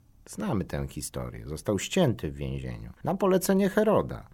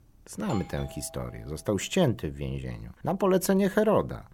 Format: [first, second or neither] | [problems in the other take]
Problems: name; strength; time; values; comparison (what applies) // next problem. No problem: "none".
first | doorbell; faint; until 1.5 s; peak 15 dB below the speech